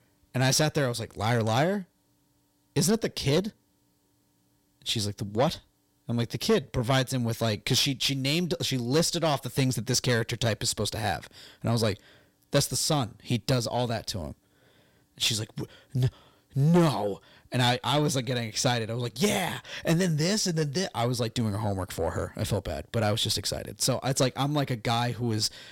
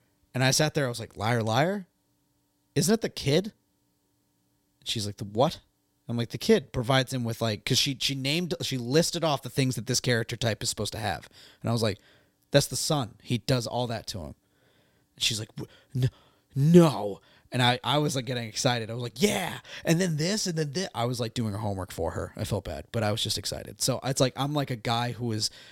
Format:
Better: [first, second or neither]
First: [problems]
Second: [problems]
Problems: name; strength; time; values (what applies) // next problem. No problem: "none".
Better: second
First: distortion; slight; 10 dB below the speech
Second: none